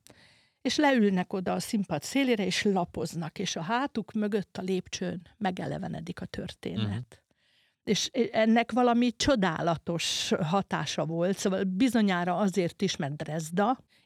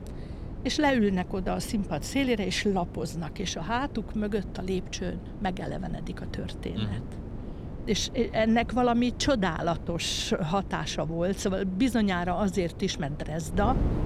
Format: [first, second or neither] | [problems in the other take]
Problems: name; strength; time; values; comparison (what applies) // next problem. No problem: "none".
first | wind noise on the microphone; occasional gusts; 15 dB below the speech